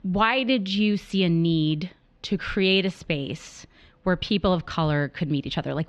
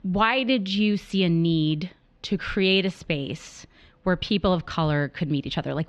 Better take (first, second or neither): neither